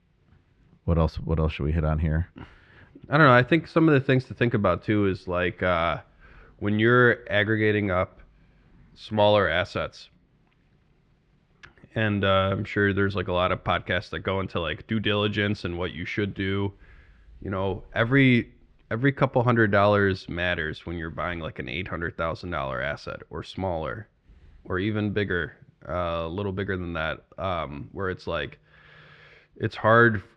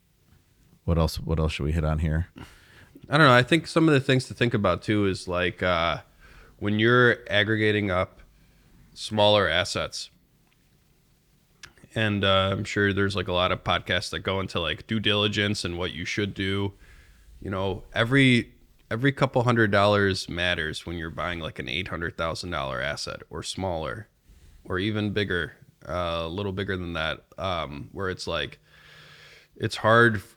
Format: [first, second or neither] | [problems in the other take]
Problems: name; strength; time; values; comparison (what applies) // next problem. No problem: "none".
second | muffled; slightly; fading above 2.5 kHz